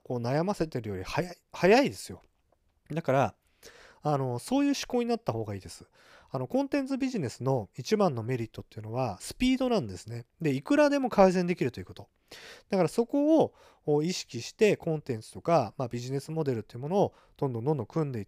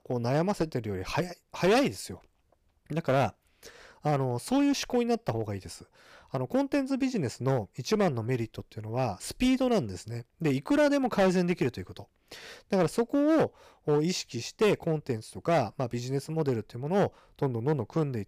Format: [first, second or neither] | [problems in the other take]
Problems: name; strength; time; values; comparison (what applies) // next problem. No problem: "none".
first | distortion; slight; 5% of the sound clipped